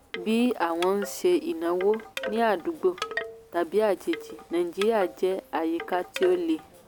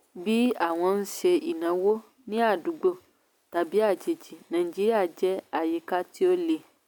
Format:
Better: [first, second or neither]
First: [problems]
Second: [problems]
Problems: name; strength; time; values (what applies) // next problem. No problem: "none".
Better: second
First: background sound (Wind chime / Wood); 13 dB below the speech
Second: none